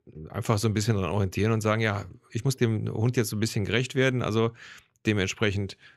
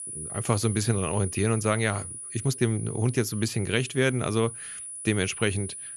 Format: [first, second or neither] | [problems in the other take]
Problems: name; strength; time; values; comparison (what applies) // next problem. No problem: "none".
first | high-pitched whine; loud; throughout; 10 kHz, 9 dB below the speech